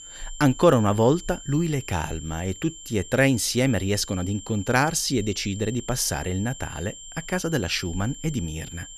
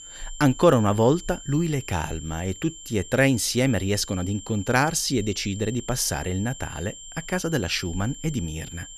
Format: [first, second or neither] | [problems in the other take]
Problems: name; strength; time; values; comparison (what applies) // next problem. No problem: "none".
neither | high-pitched whine; noticeable; throughout; 7.5 kHz, 15 dB below the speech; the same in both